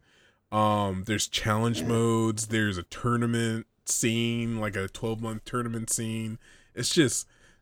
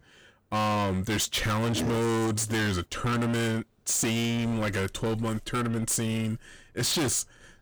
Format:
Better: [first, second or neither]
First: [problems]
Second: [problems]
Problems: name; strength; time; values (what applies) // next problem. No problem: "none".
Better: first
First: none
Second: distortion; heavy; 30% of the sound clipped